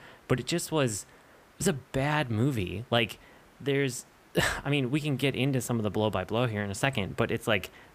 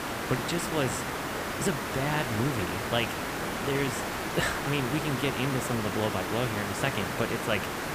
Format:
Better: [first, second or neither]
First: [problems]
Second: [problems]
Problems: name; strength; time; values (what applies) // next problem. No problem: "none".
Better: first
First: hiss; faint; throughout; 30 dB below the speech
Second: hiss; loud; throughout; 1 dB below the speech